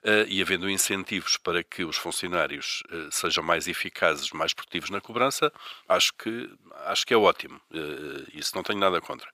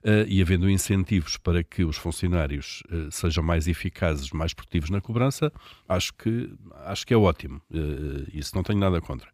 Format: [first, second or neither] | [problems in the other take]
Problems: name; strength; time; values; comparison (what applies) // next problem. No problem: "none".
second | thin; very; fading below 500 Hz